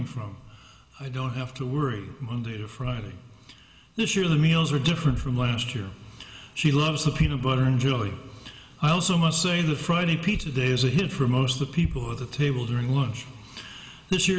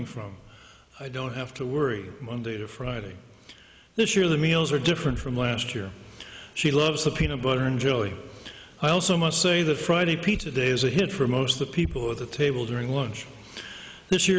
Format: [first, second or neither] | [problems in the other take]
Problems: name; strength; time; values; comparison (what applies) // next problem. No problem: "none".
second | room echo; dies away in 0.4 s